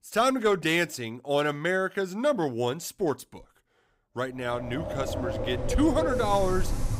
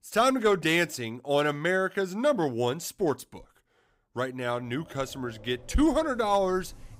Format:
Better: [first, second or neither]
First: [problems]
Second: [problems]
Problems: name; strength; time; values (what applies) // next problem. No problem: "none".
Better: second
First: wind in the background; loud; from 5 s on; 5 dB below the speech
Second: wind in the background; faint; from 5 s on; 25 dB below the speech